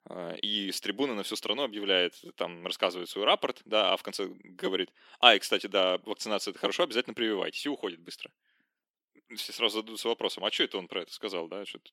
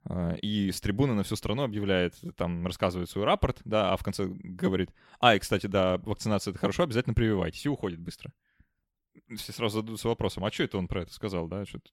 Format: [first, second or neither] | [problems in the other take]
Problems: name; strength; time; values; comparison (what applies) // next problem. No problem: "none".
second | thin; somewhat; fading below 300 Hz